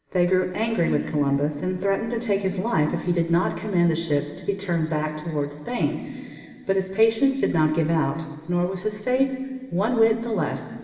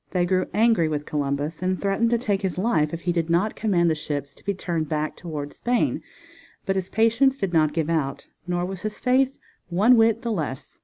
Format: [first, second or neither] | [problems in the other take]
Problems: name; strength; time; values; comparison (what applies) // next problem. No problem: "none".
second | room echo; dies away in 2.6 s